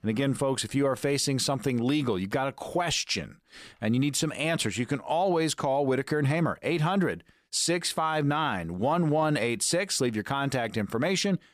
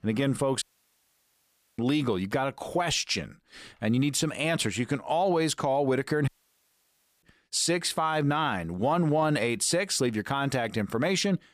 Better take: first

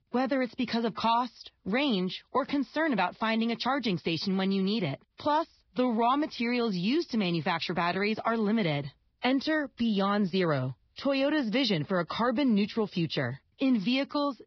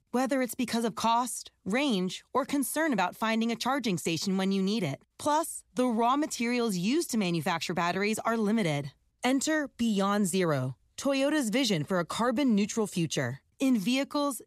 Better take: second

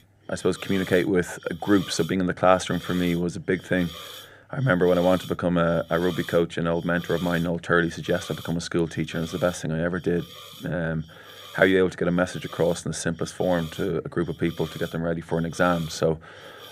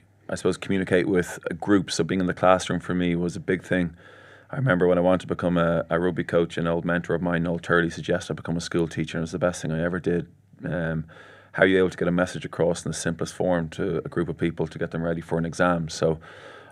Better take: second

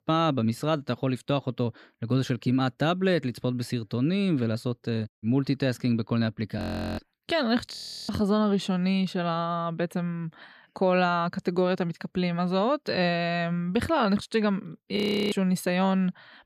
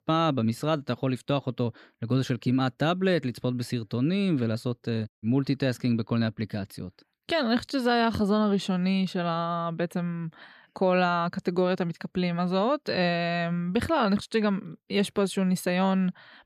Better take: second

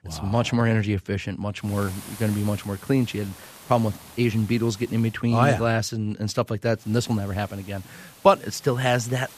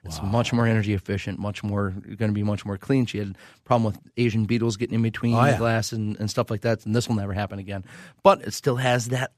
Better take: second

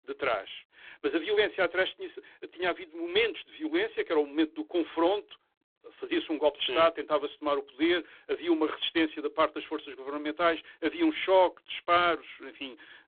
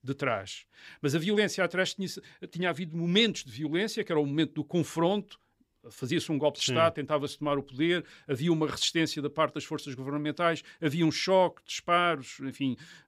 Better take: second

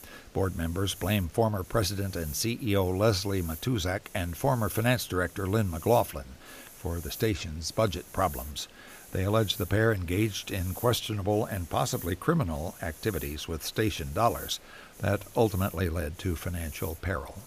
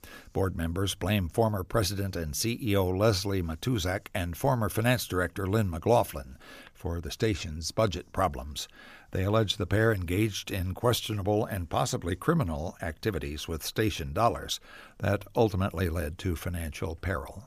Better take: second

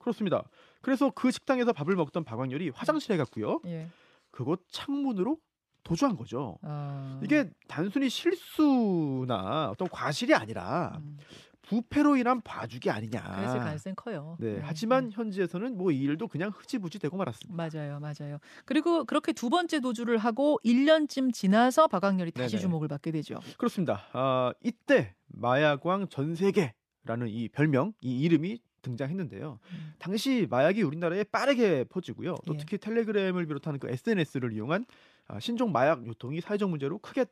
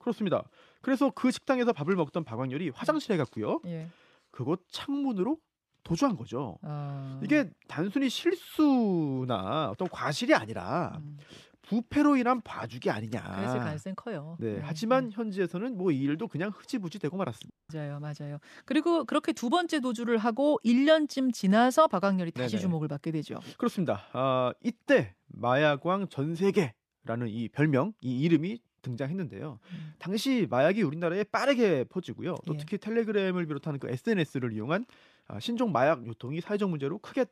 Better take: first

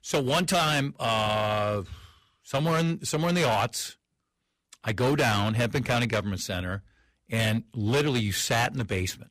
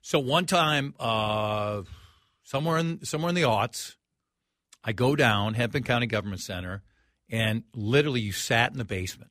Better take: second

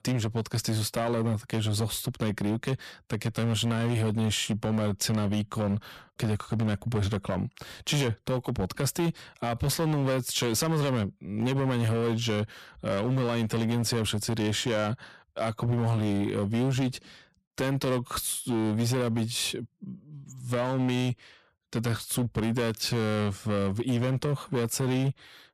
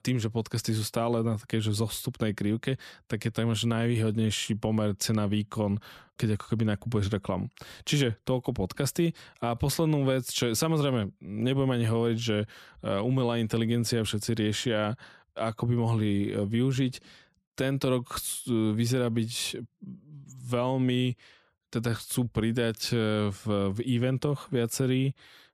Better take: second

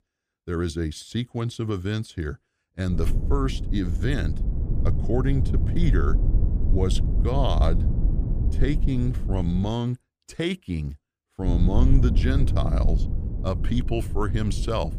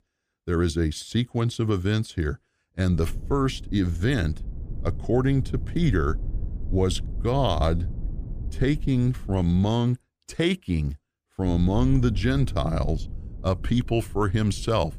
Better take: second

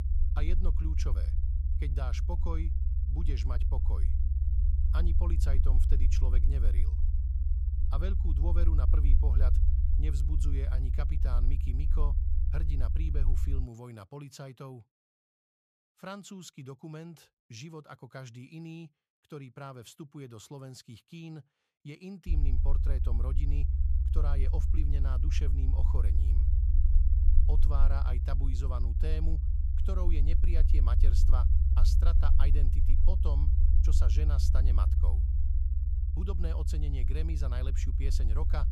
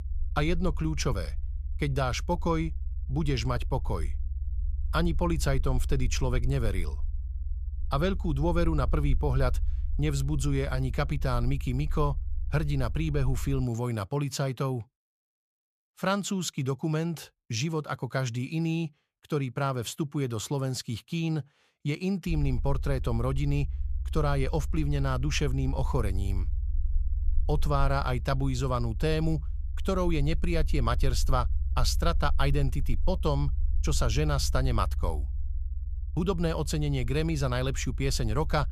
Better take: second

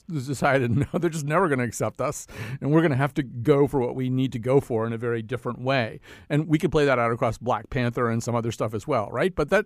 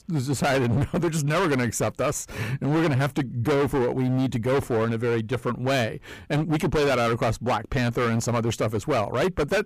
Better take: first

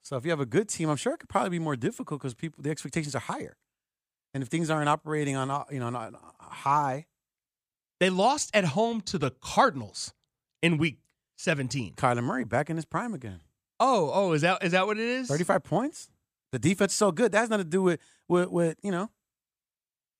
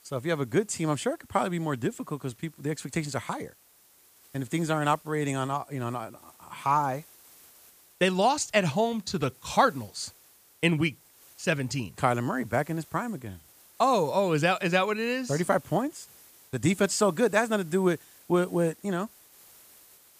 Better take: first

